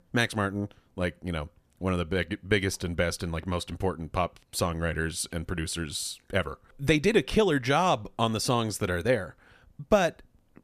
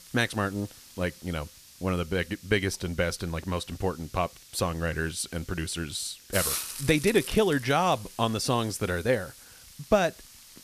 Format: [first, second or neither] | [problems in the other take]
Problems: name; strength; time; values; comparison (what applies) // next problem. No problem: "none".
first | hiss; noticeable; throughout; 10 dB below the speech